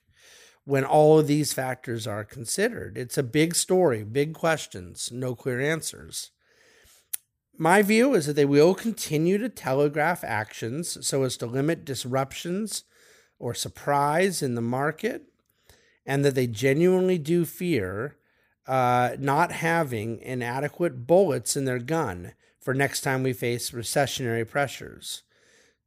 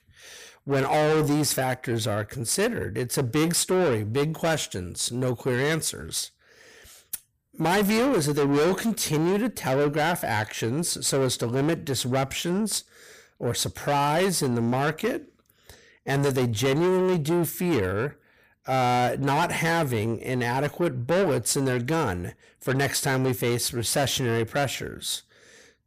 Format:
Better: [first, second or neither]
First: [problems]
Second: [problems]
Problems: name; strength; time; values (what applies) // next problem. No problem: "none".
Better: first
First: none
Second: distortion; heavy; 6 dB below the speech